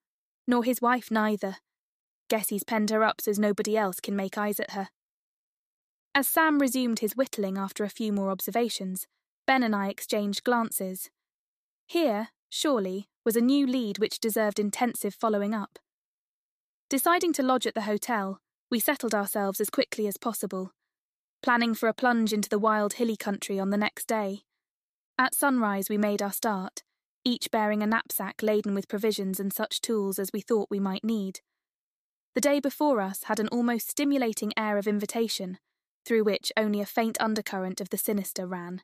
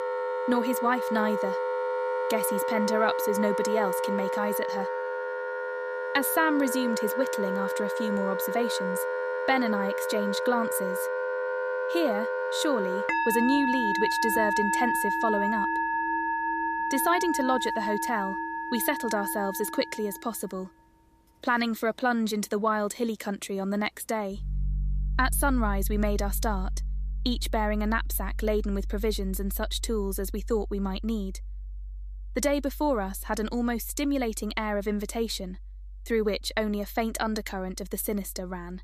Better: first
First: none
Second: background music; loud; throughout; 1 dB below the speech

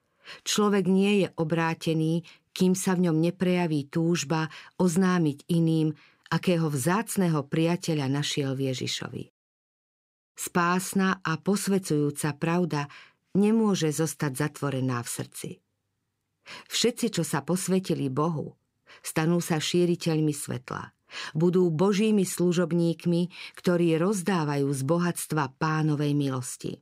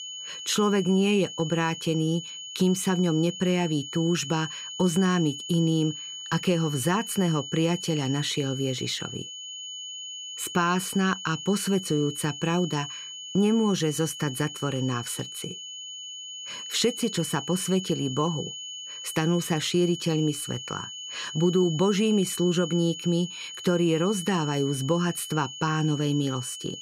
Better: first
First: none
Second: high-pitched whine; loud; throughout; 3 kHz, 10 dB below the speech

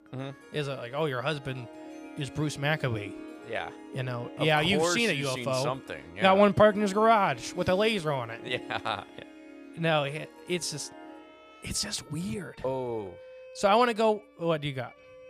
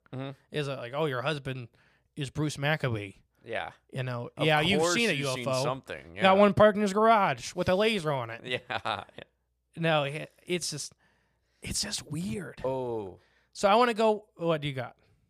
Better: second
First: background music; noticeable; throughout; 20 dB below the speech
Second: none

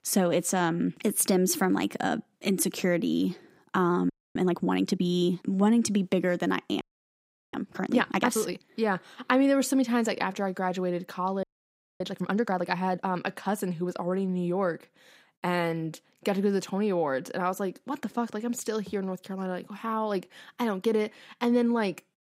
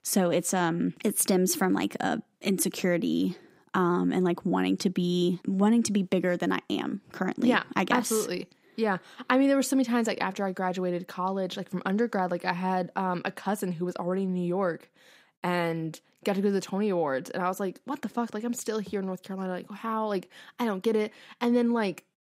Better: second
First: audio freezing; at 4 s, at 7 s for 0.5 s and at 11 s for 0.5 s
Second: none

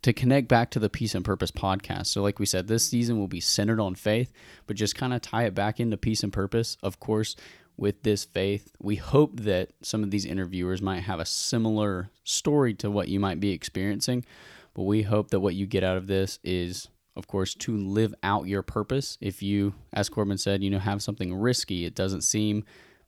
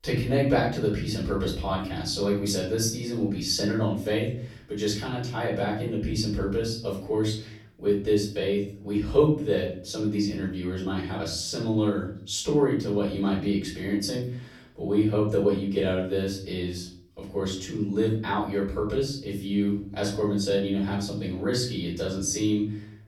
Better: first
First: none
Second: off-mic speech; far // room echo; noticeable; dies away in 0.5 s

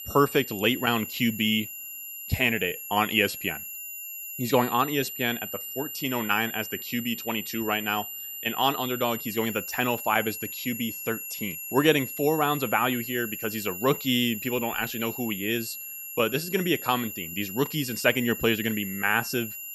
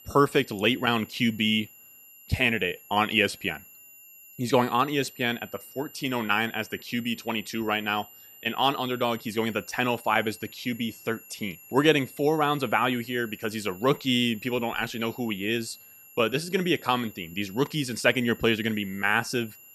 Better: second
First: high-pitched whine; loud; throughout; 12 kHz, 8 dB below the speech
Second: high-pitched whine; faint; throughout; 12 kHz, 20 dB below the speech

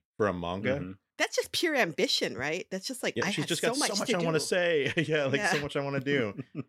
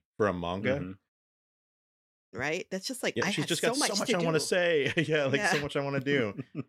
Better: first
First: none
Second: audio cutting out; at 1 s for 1 s

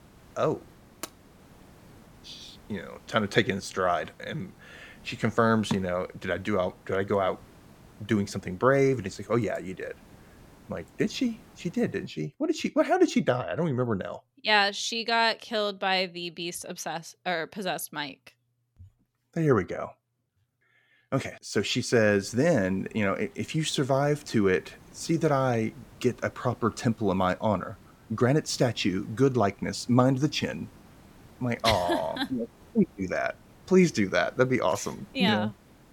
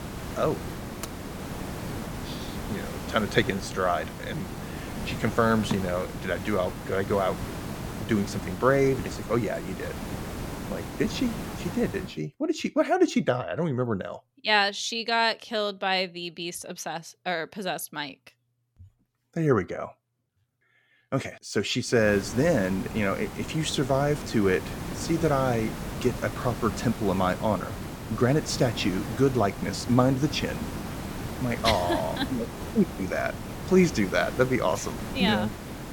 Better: first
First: hiss; faint; until 12 s and from 22 s on; 25 dB below the speech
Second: hiss; loud; until 12 s and from 22 s on; 9 dB below the speech

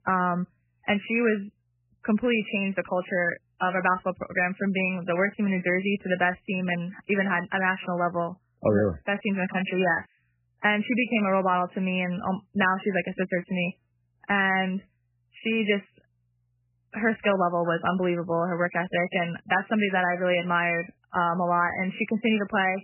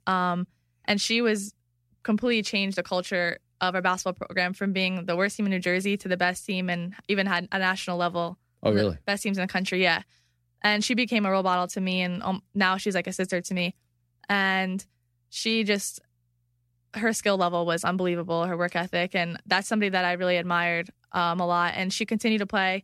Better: second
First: garbled, watery; badly; nothing above 3 kHz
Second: none

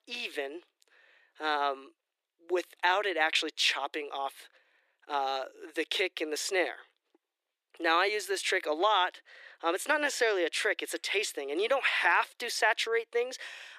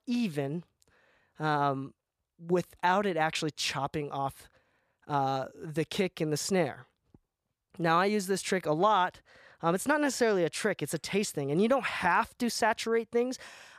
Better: second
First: thin; very; fading below 300 Hz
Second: none

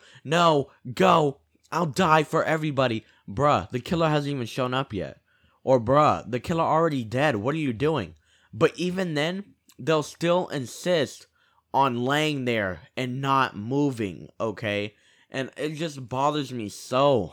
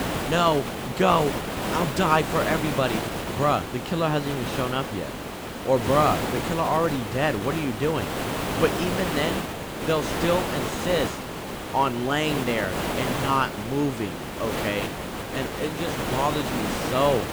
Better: first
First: none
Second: hiss; loud; throughout; 3 dB below the speech

